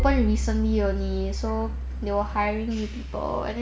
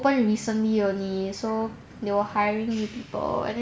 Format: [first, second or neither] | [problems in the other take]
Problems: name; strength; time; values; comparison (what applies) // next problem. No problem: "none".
second | background sound (Hammer); 1 dB below the speech